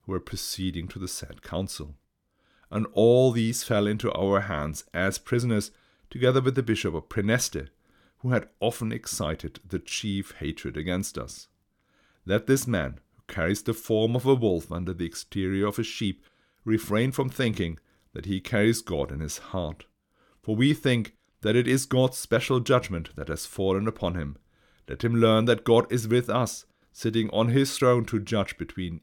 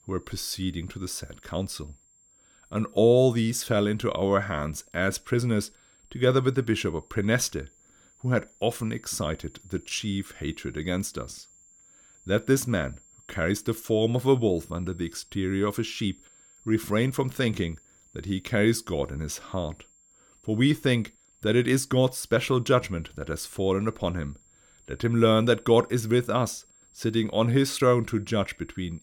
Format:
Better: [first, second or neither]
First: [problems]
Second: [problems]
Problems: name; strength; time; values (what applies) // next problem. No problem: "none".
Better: first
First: none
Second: high-pitched whine; faint; throughout; 7.5 kHz, 30 dB below the speech